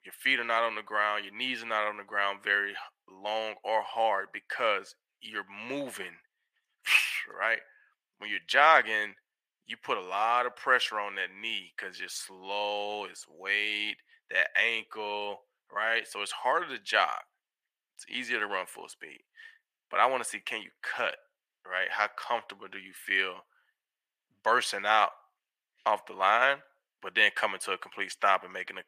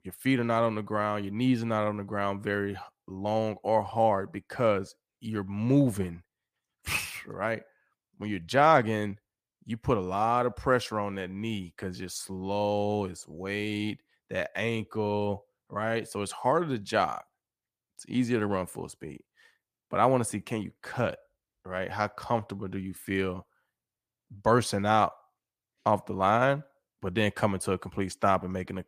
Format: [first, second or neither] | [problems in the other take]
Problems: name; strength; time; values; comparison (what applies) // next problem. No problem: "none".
second | thin; very; fading below 600 Hz